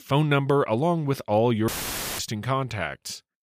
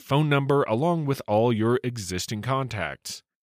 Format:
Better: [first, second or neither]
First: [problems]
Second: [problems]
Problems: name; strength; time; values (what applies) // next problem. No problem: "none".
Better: second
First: audio cutting out; filled with static; at 1.5 s for 0.5 s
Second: none